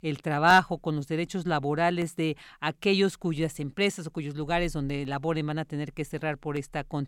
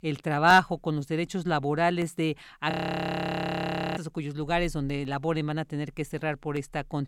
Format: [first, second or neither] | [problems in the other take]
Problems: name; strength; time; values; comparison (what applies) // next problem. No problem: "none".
first | audio freezing; at 2.5 s for 1.5 s